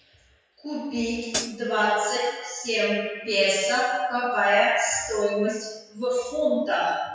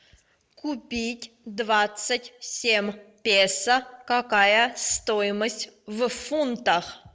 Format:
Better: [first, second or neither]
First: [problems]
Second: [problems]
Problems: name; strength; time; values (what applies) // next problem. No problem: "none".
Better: second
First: noise reduction (classical method WPE with log-MMSE)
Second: none